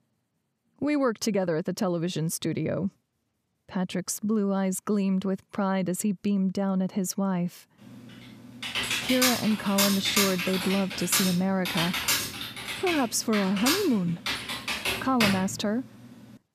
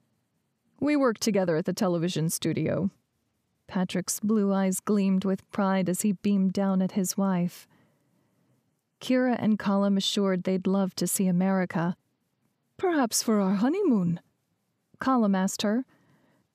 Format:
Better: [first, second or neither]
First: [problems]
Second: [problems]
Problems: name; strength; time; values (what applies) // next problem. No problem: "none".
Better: second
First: keyboard typing; loud; from 8.5 to 16 s; peak 4 dB above the speech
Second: none